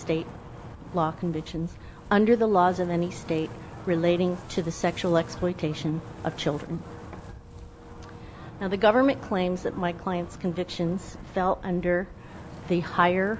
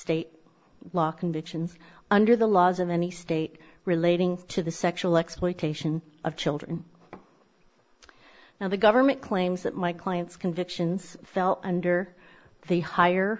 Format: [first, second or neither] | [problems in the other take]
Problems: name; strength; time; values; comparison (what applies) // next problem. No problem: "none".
second | background sound (Wind); 14 dB below the speech